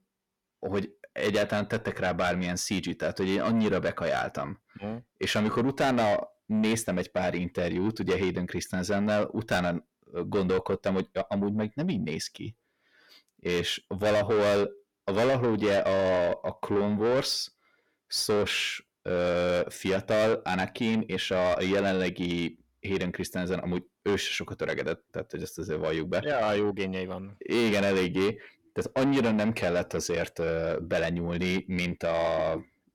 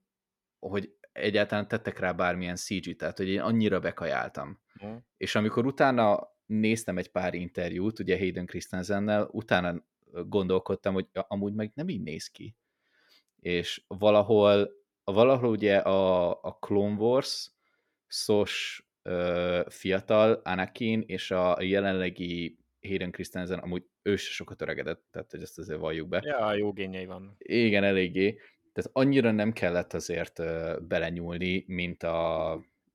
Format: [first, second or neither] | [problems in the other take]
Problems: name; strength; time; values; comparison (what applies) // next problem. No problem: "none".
second | distortion; heavy; 7 dB below the speech